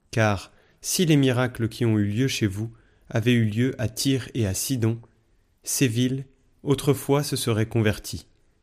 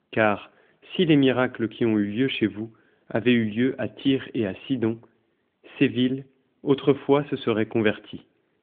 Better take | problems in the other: first | phone-call audio; nothing above 3.5 kHz

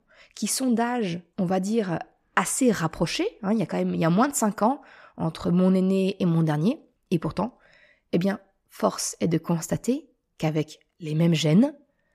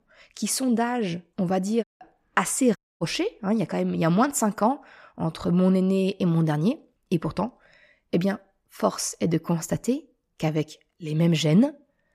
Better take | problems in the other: first | audio cutting out; at 2 s and at 3 s

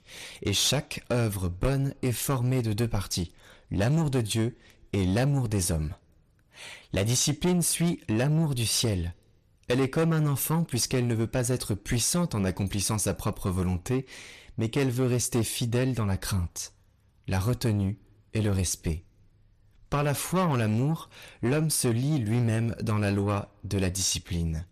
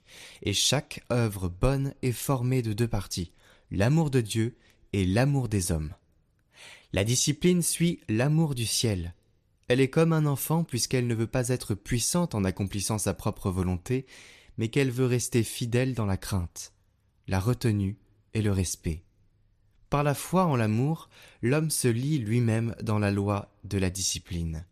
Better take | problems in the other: second | distortion; slight; 9 dB below the speech

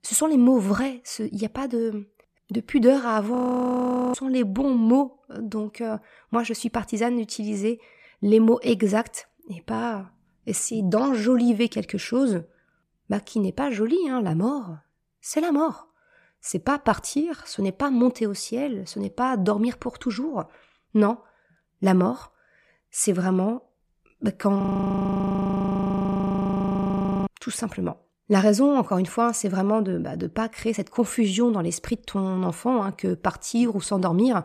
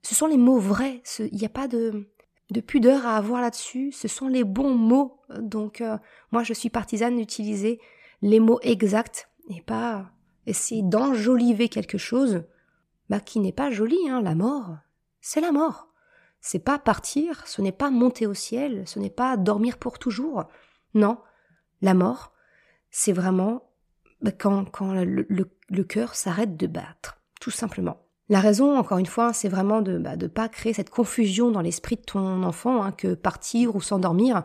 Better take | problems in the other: second | audio freezing; at 3.5 s for 1 s and at 25 s for 2.5 s

